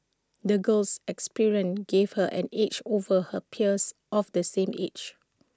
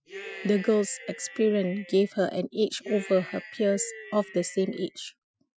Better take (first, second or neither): first